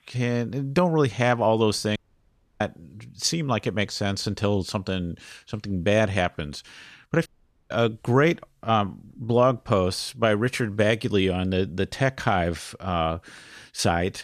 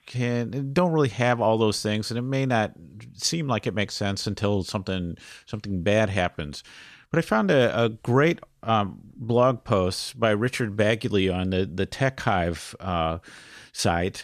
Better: second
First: audio cutting out; at 2 s for 0.5 s and at 7.5 s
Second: none

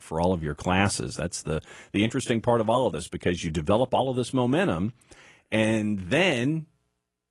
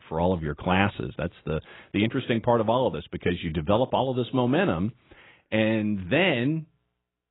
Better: first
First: garbled, watery; slightly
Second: garbled, watery; badly; nothing above 4 kHz

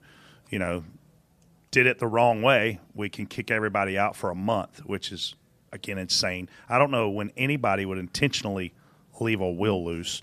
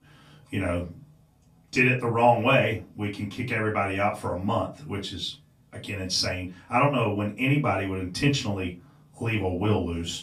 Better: first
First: none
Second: off-mic speech; far // room echo; very slight; dies away in 0.2 s

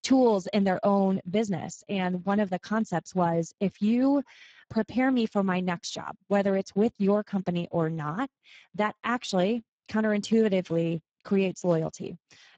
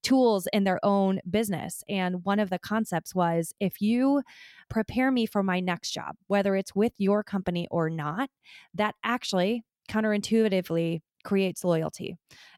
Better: second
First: garbled, watery; badly; nothing above 7.5 kHz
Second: none

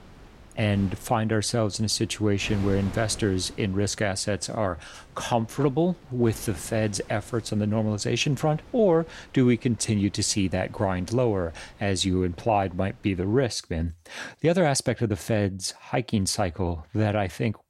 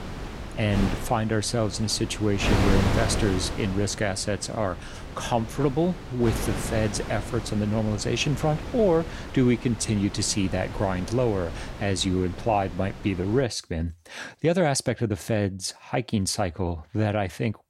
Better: first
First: wind noise on the microphone; occasional gusts; until 13 s; 20 dB below the speech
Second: wind noise on the microphone; heavy; until 13 s; 8 dB below the speech

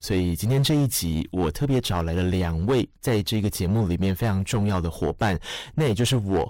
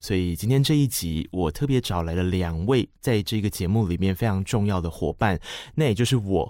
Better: second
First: distortion; slight; 10% of the sound clipped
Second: none

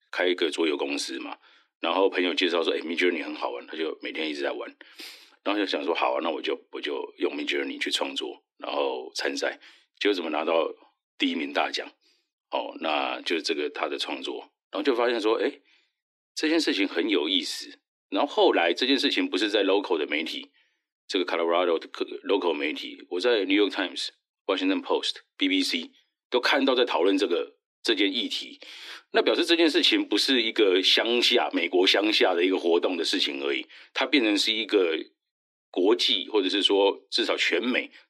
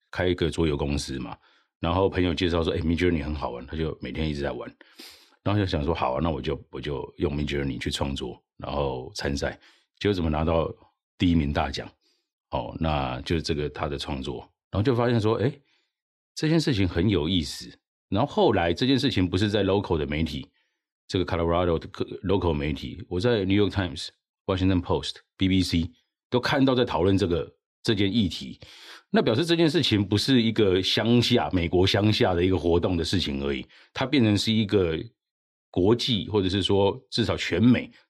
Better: second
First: thin; somewhat; fading below 300 Hz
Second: none

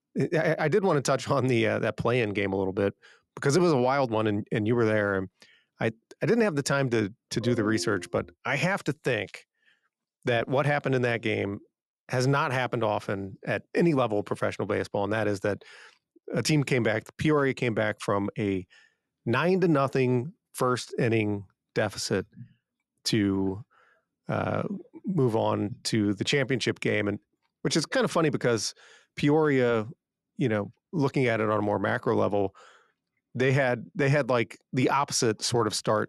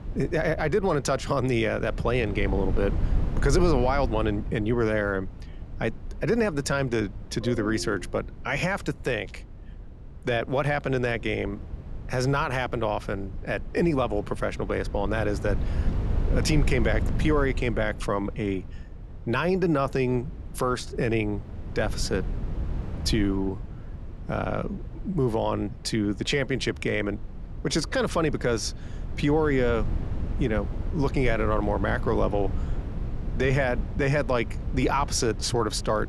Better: first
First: none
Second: wind noise on the microphone; occasional gusts; 20 dB below the speech

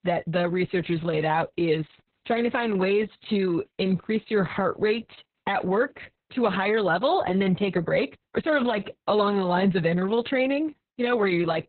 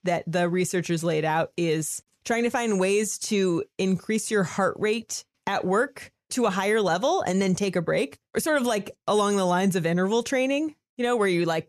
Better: second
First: garbled, watery; badly; nothing above 4 kHz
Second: none

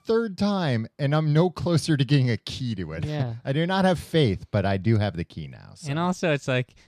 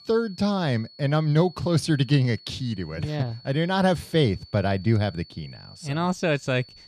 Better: first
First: none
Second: high-pitched whine; faint; throughout; 4.5 kHz, 20 dB below the speech

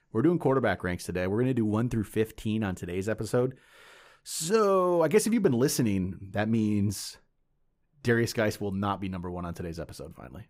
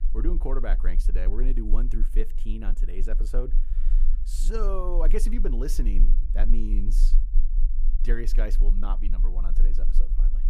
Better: first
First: none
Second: low rumble; noticeable; throughout; 15 dB below the speech

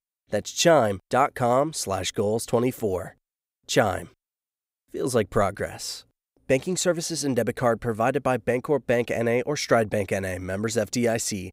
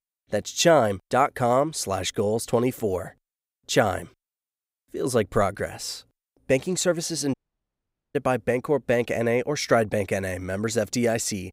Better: first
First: none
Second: audio cutting out; at 7.5 s for 1 s

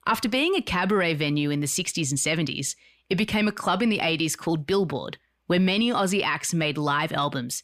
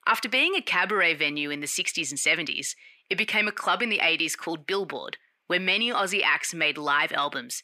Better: first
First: none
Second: thin; somewhat; fading below 350 Hz

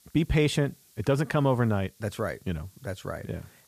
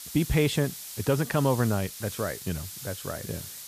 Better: first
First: hiss; faint; throughout; 30 dB below the speech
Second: hiss; loud; throughout; 10 dB below the speech

